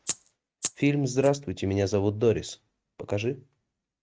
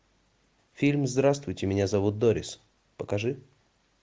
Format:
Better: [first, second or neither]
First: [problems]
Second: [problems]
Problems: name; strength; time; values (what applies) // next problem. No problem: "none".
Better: second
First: noise reduction (neural mask model RNNoise)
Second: none